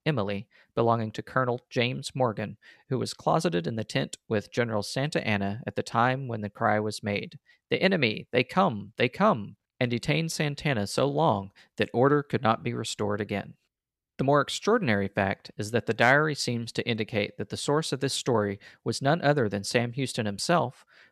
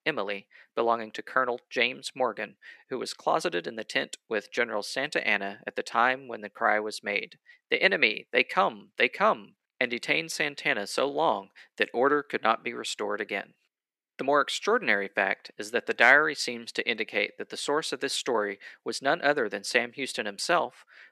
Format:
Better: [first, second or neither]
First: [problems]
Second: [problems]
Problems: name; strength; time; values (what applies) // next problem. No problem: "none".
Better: first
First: none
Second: thin; somewhat; fading below 300 Hz